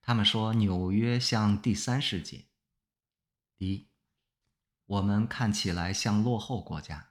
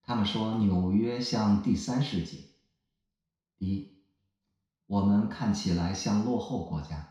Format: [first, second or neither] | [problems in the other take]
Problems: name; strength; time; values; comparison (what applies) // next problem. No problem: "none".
first | room echo; noticeable; dies away in 0.6 s // off-mic speech; far